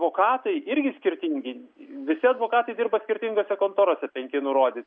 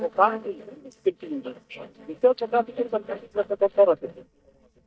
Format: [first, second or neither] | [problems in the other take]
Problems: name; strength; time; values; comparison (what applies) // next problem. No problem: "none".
first | noise reduction (neural mask model DeepFilterNet 3)